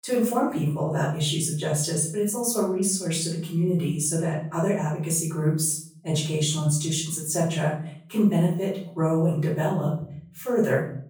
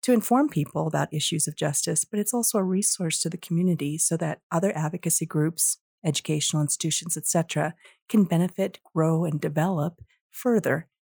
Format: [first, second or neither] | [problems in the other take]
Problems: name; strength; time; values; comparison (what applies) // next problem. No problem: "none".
second | room echo; noticeable; dies away in 0.5 s // off-mic speech; far